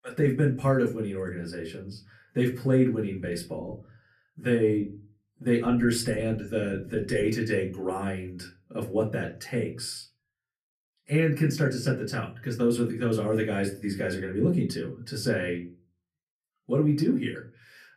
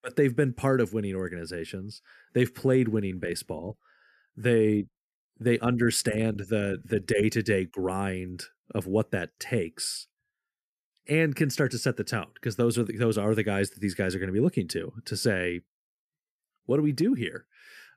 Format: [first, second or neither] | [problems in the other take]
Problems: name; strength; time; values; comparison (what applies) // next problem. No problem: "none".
second | off-mic speech; far // room echo; very slight; dies away in 0.3 s